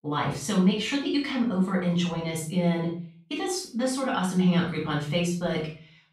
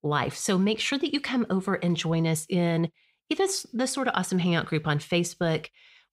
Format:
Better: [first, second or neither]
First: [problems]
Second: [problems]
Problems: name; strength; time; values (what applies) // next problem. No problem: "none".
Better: second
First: off-mic speech; far // room echo; noticeable; dies away in 0.4 s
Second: none